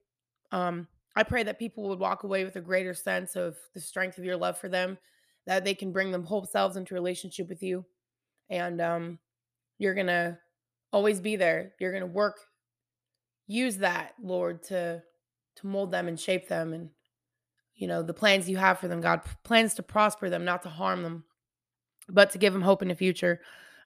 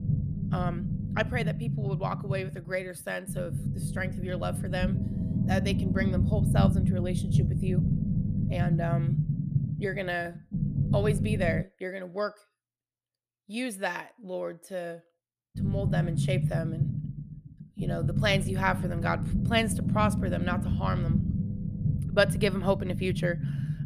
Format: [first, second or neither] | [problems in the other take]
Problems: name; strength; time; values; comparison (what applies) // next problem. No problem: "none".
first | low rumble; loud; until 12 s and from 16 s on; 7 dB below the speech